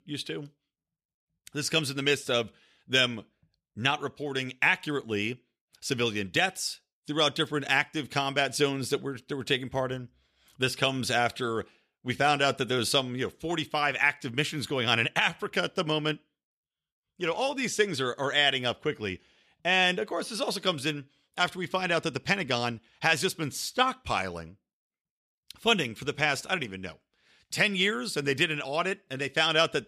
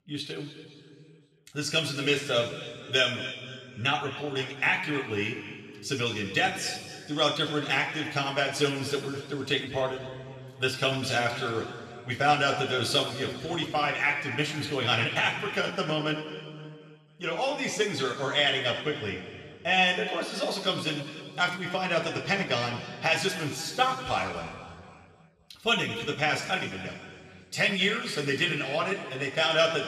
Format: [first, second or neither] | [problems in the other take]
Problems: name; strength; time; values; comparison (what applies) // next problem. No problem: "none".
first | room echo; noticeable; dies away in 2.1 s // off-mic speech; somewhat distant